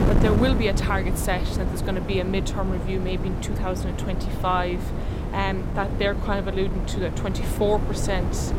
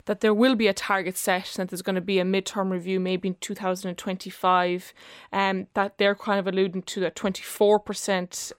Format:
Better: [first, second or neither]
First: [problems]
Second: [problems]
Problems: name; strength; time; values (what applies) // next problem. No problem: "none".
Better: second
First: wind noise on the microphone; heavy; 6 dB below the speech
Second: none